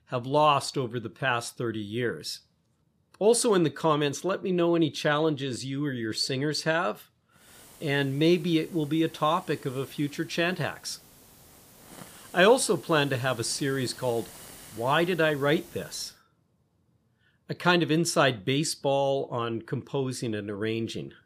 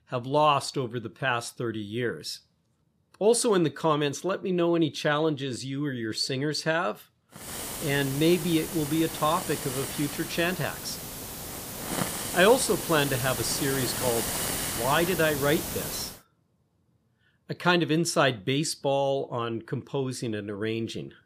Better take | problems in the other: first | hiss; loud; from 7.5 to 16 s; 5 dB below the speech; faint in the first

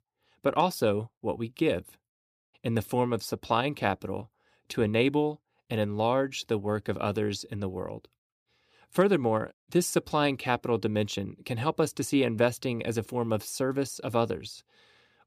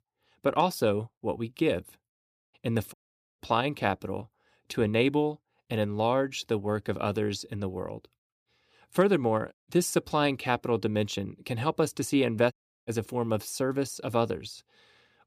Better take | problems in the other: first | audio cutting out; at 3 s and at 13 s

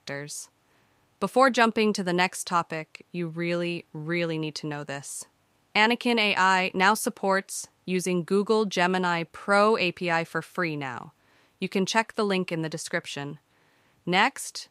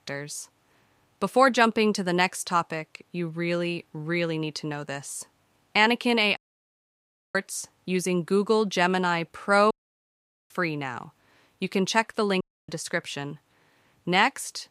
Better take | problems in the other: first | audio cutting out; at 6.5 s for 1 s, at 9.5 s for 1 s and at 12 s

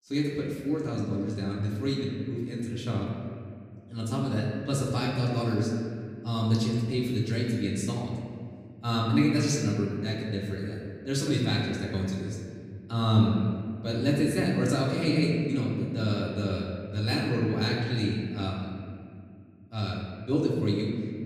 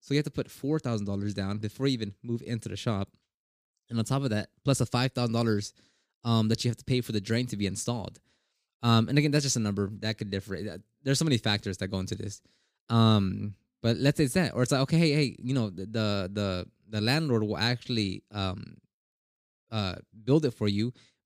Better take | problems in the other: second | off-mic speech; far // room echo; noticeable; dies away in 2.1 s

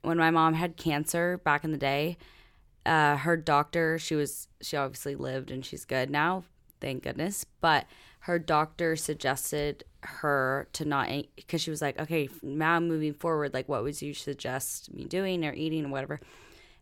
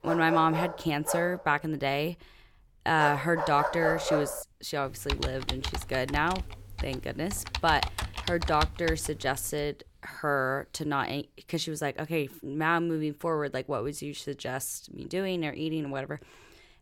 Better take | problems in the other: first | dog barking; loud; until 4.5 s; peak 1 dB above the speech // keyboard typing; noticeable; from 5 to 9.5 s; peak 2 dB below the speech

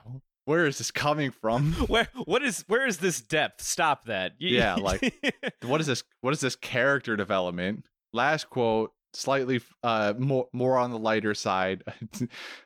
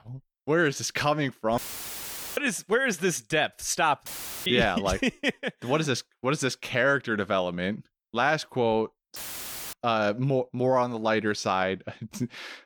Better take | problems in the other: first | audio cutting out; filled with static; at 1.5 s for 1 s, at 4 s and at 9 s for 0.5 s

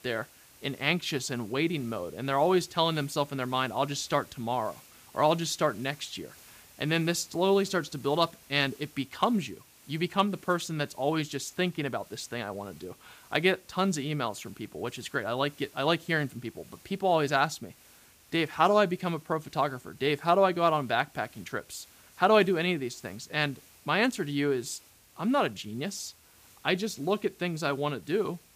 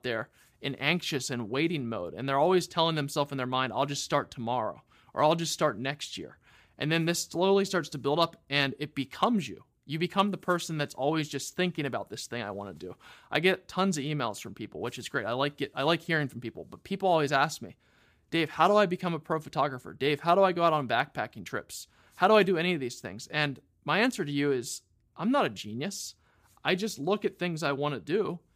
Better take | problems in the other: second | hiss; faint; throughout; 25 dB below the speech

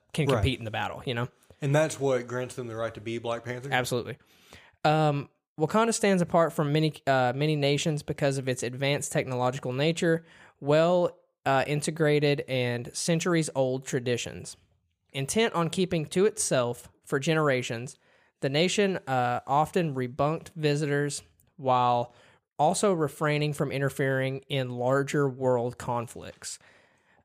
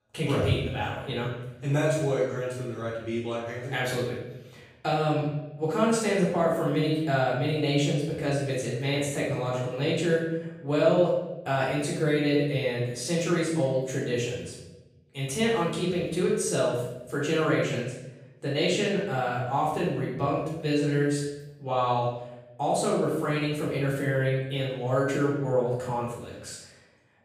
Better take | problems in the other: first | room echo; noticeable; dies away in 0.8 s // off-mic speech; far

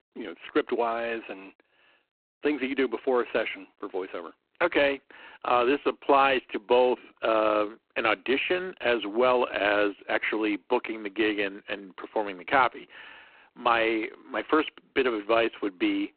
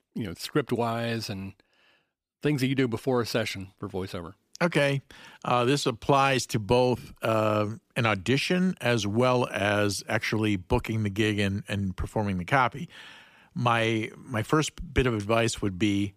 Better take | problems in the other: second | phone-call audio; poor line

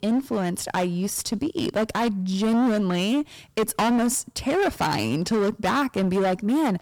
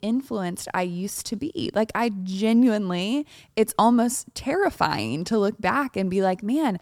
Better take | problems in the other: second | distortion; heavy; 19% of the sound clipped

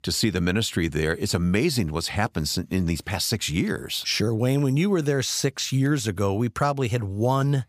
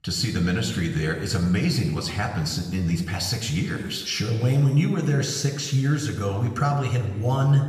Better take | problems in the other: first | room echo; slight; dies away in 1.1 s // off-mic speech; somewhat distant

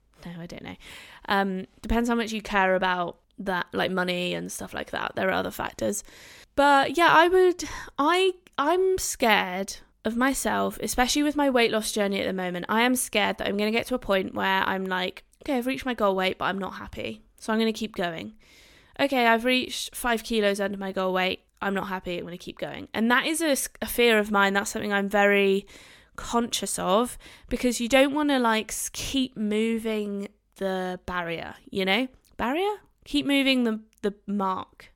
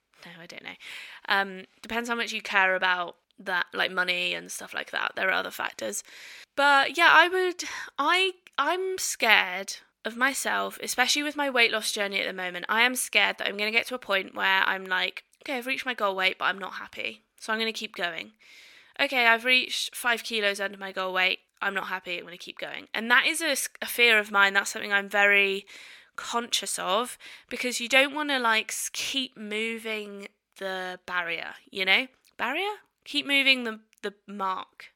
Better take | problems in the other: first | thin; somewhat; fading below 600 Hz

